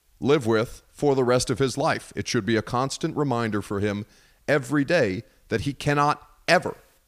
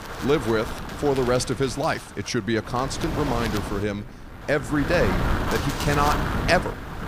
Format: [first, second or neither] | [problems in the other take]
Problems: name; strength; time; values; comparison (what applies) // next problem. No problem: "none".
first | wind noise on the microphone; heavy; 5 dB below the speech